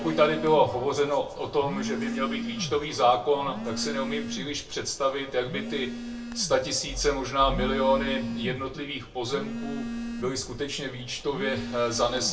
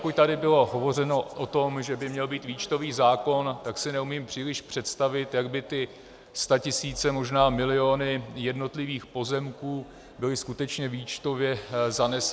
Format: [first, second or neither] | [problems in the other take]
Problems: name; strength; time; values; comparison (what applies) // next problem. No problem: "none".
second | background sound (Telephone); 8 dB below the speech // room echo; dies away in 0.2 s